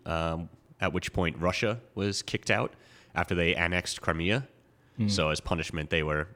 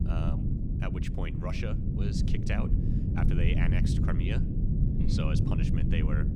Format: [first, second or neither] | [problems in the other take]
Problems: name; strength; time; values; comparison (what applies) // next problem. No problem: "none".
first | low rumble; loud; throughout; as loud as the speech